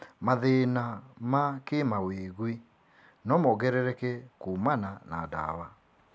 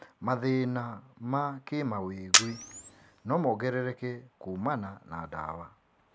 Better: first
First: none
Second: background sound (Camera); 3 dB above the speech

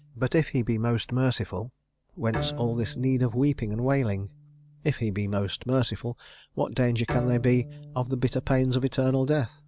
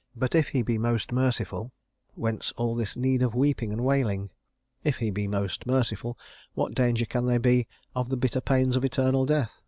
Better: second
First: background sound (Bowed string instrument); 14 dB below the speech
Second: none

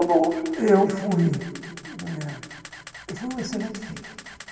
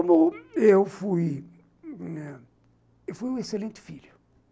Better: second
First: background sound (Camera); 17 dB below the speech // room echo; dies away in 2 s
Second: none

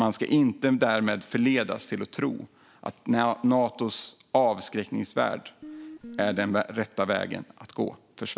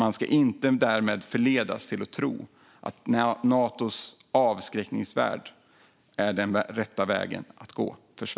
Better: second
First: background sound (Guitar); 15 dB below the speech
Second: none

